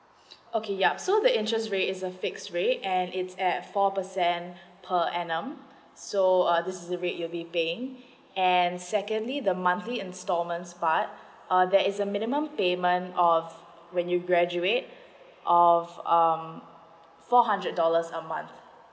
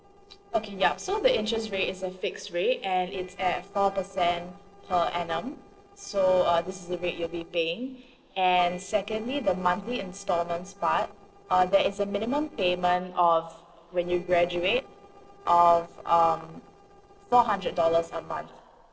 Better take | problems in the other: first | noise reduction (neural separator model SepFormer DNS4)

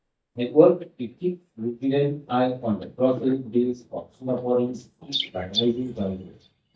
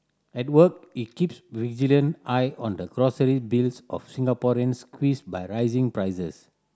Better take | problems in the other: second | noise reduction (neural mask model DeepFilterNet 3)

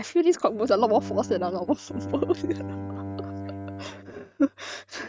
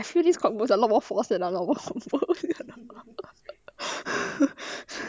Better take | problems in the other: second | noise reduction (neural mask model RNNoise)

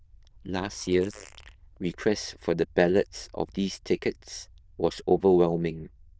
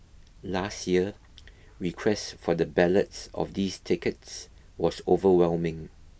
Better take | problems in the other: second | noise reduction (neural diffusion model UNIVERSE++)

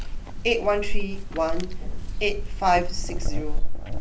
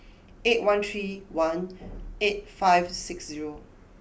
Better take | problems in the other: second | background sound (Chewing, mastication); 4 dB above the speech

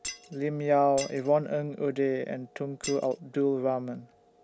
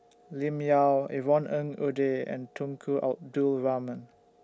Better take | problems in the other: second | background sound (Shatter); 12 dB below the speech

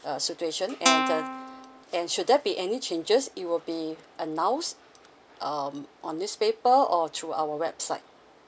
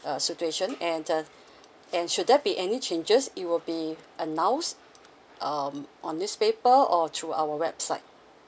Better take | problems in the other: second | background sound (Guitar); 2 dB above the speech

